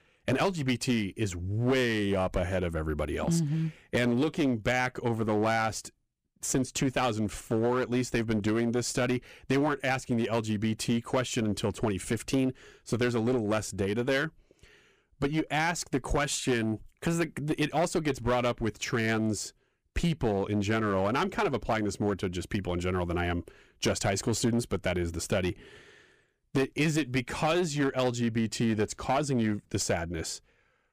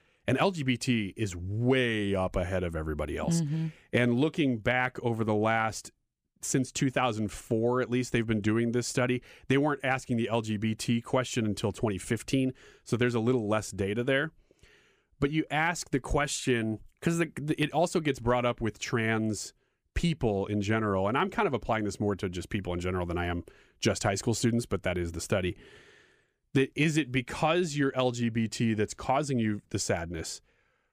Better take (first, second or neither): second